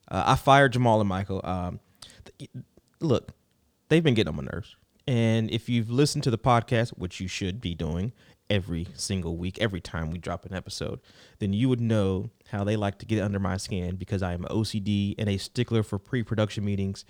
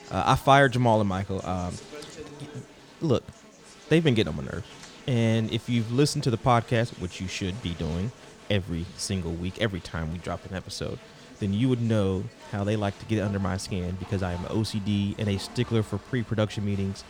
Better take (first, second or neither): first